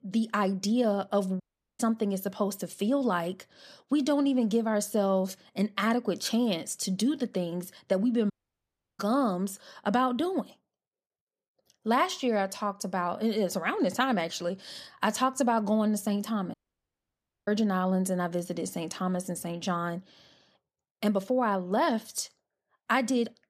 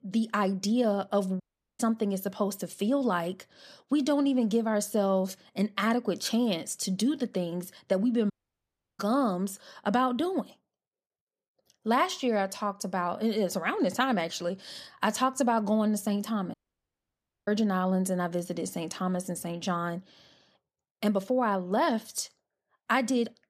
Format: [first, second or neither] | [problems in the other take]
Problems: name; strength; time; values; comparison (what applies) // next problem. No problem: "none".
neither | audio cutting out; at 1.5 s, at 8.5 s for 0.5 s and at 17 s for 1 s; the same in both